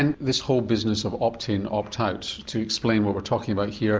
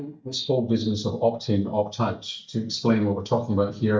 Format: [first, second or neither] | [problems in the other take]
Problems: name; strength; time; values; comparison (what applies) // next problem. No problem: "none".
first | noise reduction (neural mask model DeepFilterNet 3)